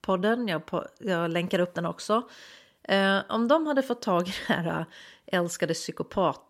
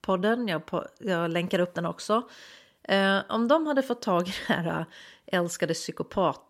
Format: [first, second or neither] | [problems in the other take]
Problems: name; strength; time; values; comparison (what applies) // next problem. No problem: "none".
neither | none